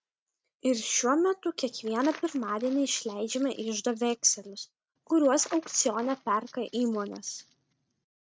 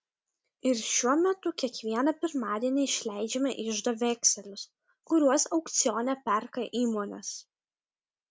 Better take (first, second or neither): second